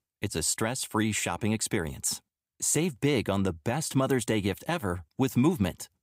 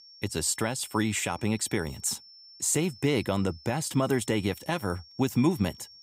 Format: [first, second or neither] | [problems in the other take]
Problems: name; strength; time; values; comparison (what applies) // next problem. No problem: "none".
first | high-pitched whine; faint; throughout; 5.5 kHz, 20 dB below the speech